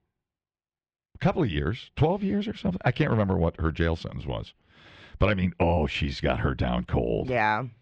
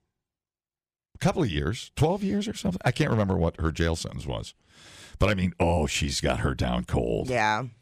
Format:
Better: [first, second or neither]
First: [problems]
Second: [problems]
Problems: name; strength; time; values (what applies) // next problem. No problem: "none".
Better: second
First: muffled; slightly; fading above 3.5 kHz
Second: none